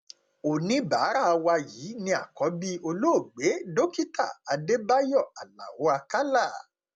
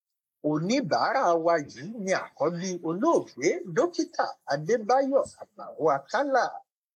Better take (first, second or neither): first